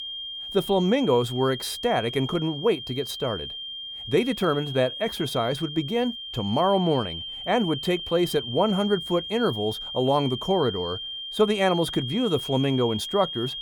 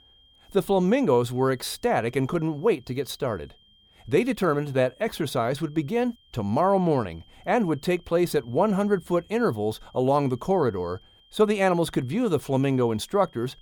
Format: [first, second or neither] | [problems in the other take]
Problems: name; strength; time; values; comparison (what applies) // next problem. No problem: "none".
second | high-pitched whine; loud; throughout; 3 kHz, 8 dB below the speech; faint in the second